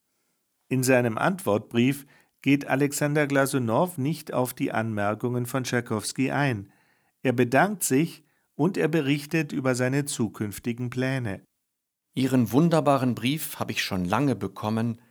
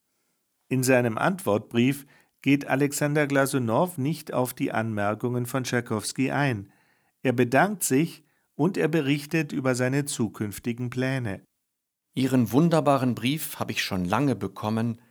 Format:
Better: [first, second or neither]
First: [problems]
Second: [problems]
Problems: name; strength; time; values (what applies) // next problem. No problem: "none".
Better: neither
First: none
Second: none